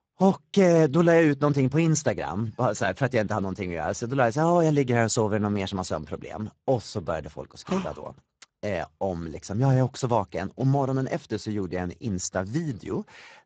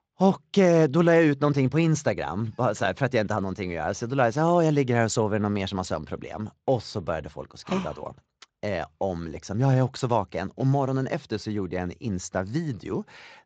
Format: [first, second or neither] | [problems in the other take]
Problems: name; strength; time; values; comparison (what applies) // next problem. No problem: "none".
second | garbled, watery; badly; nothing above 7.5 kHz; slightly in the second